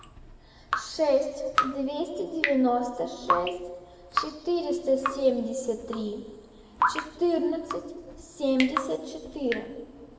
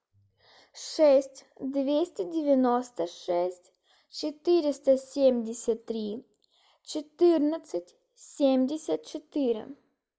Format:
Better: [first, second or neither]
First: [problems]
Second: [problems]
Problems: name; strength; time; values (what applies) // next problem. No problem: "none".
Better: second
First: background sound (Drip); 5 dB below the speech // room echo; dies away in 1.5 s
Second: none